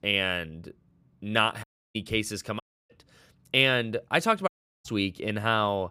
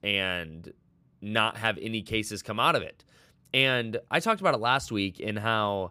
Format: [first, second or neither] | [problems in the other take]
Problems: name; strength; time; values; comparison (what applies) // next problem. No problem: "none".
second | audio cutting out; at 1.5 s, at 2.5 s and at 4.5 s